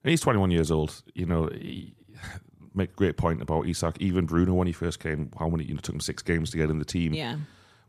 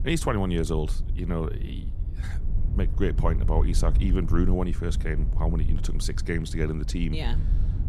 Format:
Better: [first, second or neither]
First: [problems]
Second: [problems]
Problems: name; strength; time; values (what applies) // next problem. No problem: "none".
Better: first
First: none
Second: wind noise on the microphone; occasional gusts; 15 dB below the speech